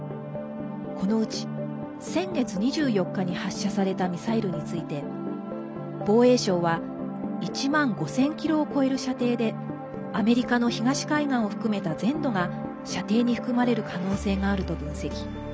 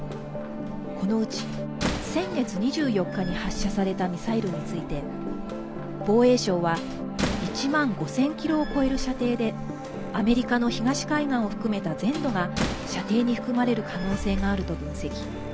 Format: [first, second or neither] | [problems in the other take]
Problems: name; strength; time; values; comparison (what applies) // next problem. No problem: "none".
first | background sound (Slam); 10 dB below the speech